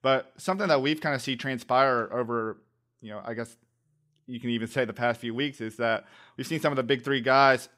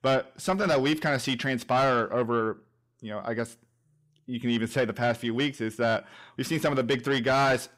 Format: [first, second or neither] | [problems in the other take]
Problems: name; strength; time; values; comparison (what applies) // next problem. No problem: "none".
first | distortion; heavy; 8 dB below the speech